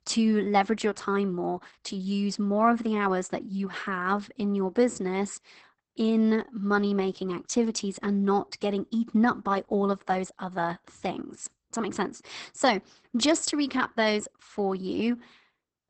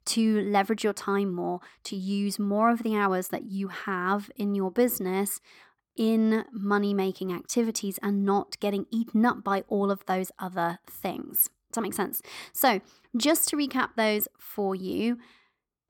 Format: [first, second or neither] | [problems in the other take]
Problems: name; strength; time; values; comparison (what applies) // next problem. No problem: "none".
second | garbled, watery; badly; nothing above 8 kHz